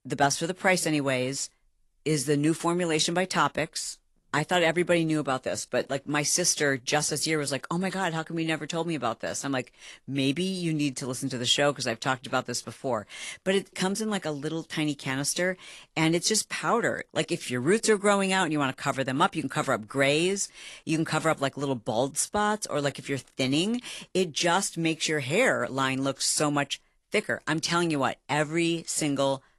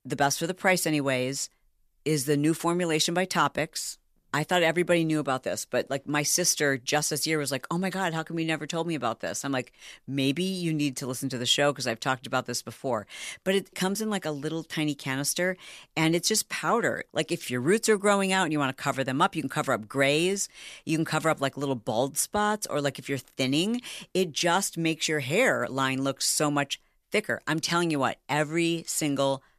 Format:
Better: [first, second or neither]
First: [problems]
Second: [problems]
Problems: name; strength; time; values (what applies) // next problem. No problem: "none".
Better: second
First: garbled, watery; slightly; nothing above 11.5 kHz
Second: none